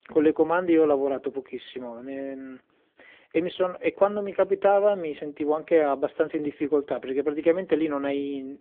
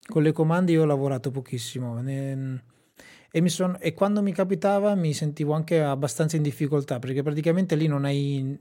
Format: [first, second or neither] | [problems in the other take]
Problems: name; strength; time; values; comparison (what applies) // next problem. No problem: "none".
second | phone-call audio; poor line